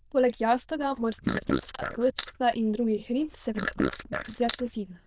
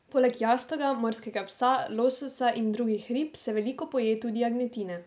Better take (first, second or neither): second